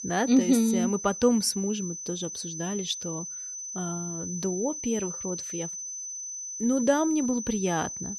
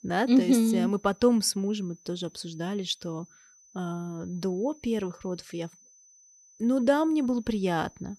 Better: second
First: high-pitched whine; loud; throughout; 6 kHz, 7 dB below the speech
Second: high-pitched whine; faint; throughout; 6 kHz, 30 dB below the speech

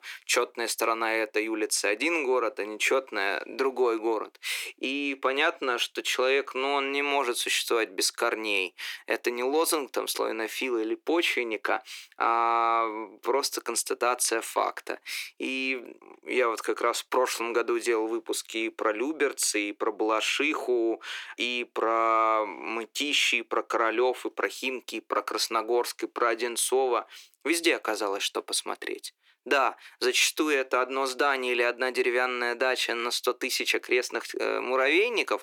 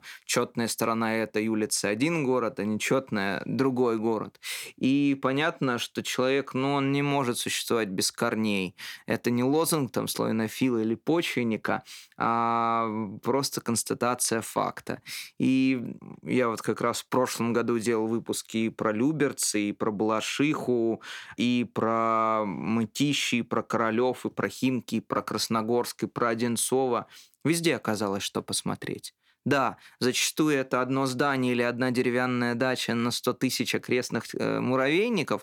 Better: second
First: thin; very; fading below 350 Hz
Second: none

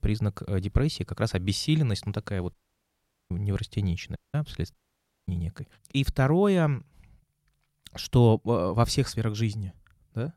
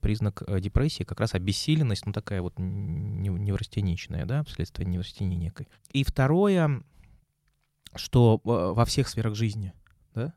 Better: second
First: audio cutting out; at 2.5 s for 1 s, at 4 s and at 4.5 s for 0.5 s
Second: none

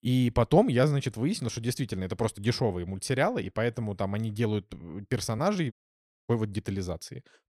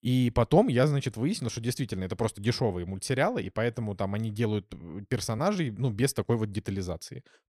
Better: second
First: audio cutting out; at 5.5 s for 0.5 s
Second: none

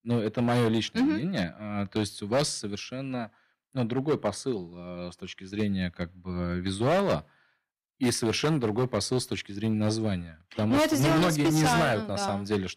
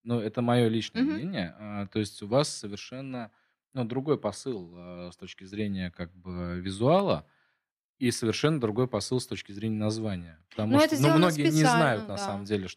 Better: second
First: distortion; heavy; 8% of the sound clipped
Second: none

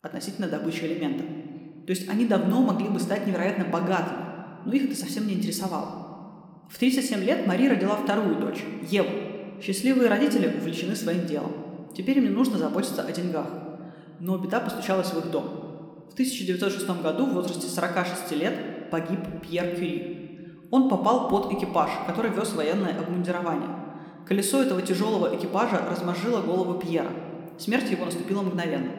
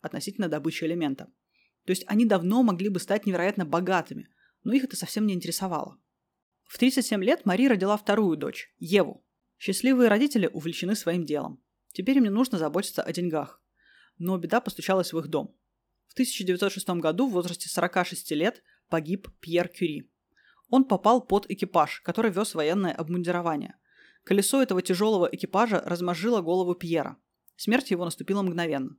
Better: second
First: room echo; slight; dies away in 1.7 s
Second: none

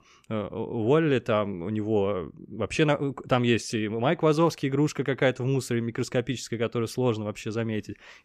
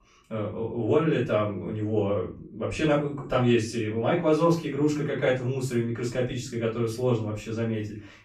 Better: first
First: none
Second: off-mic speech; far // room echo; slight; dies away in 0.3 s

